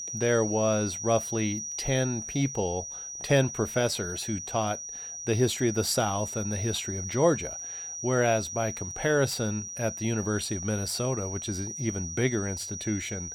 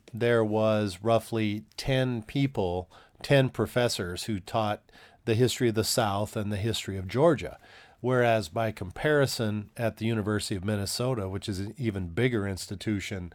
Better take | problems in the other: second | high-pitched whine; loud; throughout; 6 kHz, 6 dB below the speech

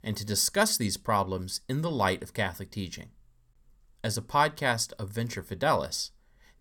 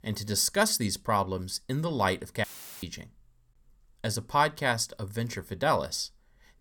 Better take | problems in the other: first | audio cutting out; filled with static; at 2.5 s

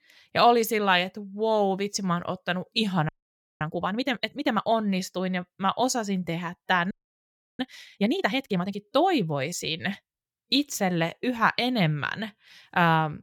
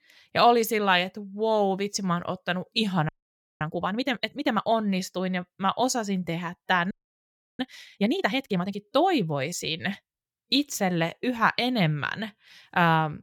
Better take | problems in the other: neither | audio freezing; at 3 s for 0.5 s and at 7 s for 0.5 s; the same in both

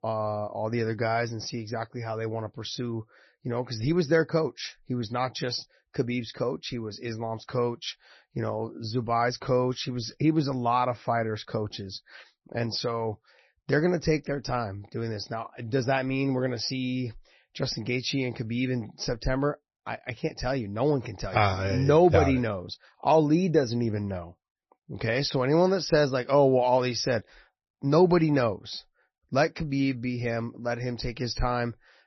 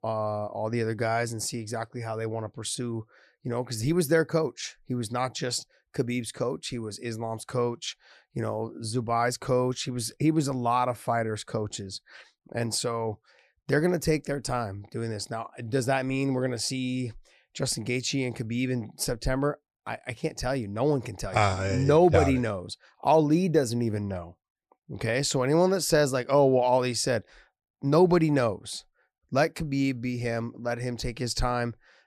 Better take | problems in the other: second | garbled, watery; slightly; nothing above 6 kHz

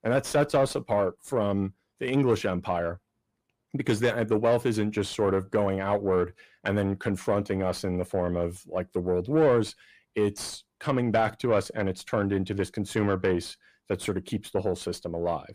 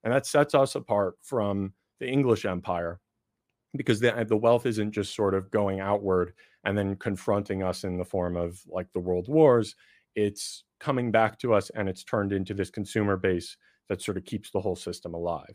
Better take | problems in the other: second | distortion; slight; 10 dB below the speech

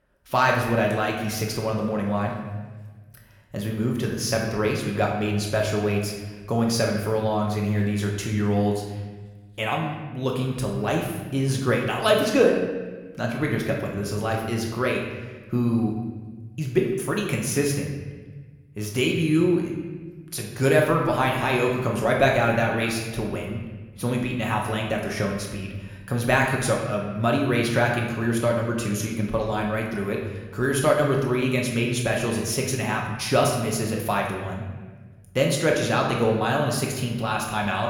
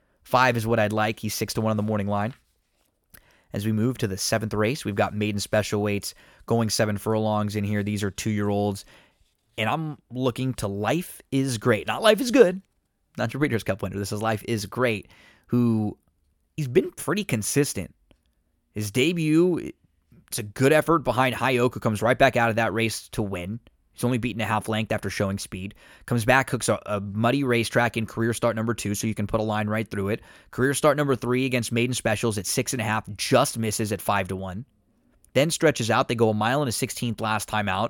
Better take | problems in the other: second | room echo; noticeable; dies away in 1.2 s // off-mic speech; somewhat distant

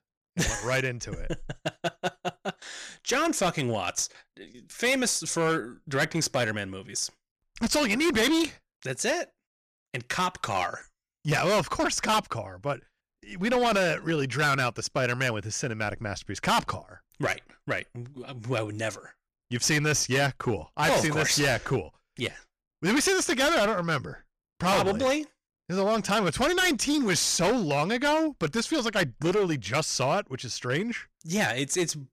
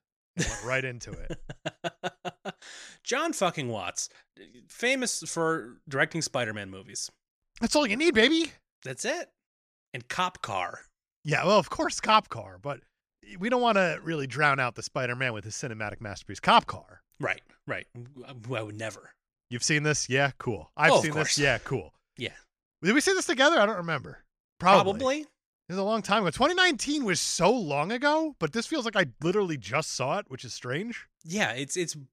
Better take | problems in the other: second | distortion; heavy; 10% of the sound clipped

